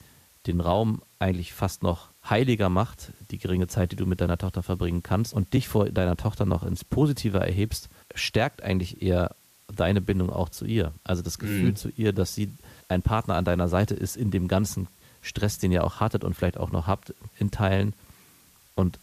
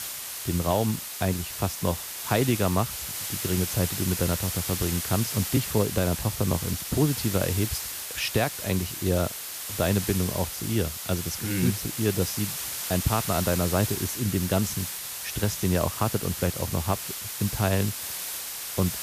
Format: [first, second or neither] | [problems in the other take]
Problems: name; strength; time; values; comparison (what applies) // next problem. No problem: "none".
first | hiss; loud; throughout; 3 dB below the speech; faint in the first